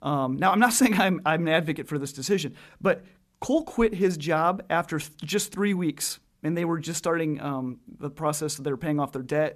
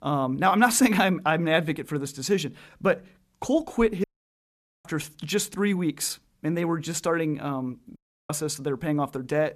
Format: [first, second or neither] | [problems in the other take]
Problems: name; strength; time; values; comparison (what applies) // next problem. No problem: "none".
first | audio cutting out; at 4 s for 1 s and at 8 s